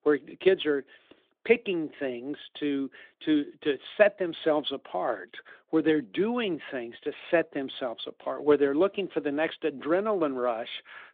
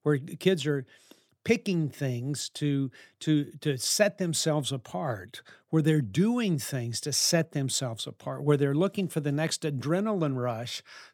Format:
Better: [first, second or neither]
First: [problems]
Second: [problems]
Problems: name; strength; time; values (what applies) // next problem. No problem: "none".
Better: second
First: phone-call audio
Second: none